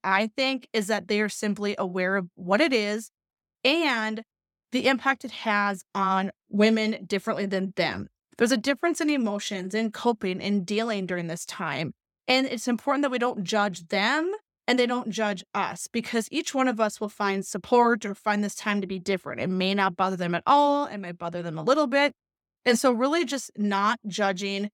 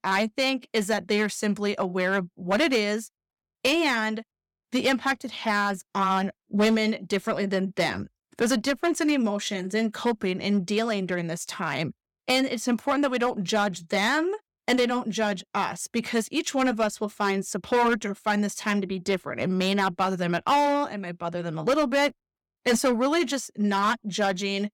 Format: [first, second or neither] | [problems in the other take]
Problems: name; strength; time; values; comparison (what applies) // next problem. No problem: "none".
first | distortion; slight; 4% of the sound clipped